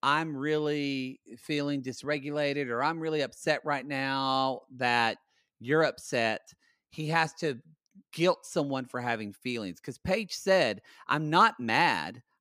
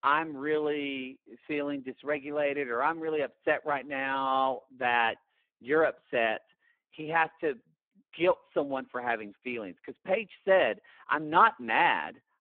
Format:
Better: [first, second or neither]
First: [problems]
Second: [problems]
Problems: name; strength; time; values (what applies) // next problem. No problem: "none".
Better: first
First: none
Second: phone-call audio; poor line